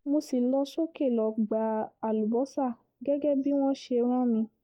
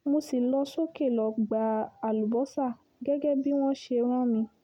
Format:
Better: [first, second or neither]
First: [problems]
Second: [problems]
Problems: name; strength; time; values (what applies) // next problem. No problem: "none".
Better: second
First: noise reduction (neural mask model DeepFilterNet 3)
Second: none